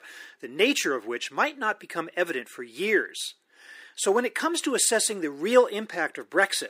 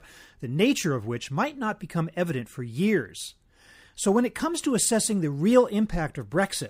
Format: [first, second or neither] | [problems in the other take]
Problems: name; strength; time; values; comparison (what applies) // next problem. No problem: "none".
second | thin; somewhat; fading below 350 Hz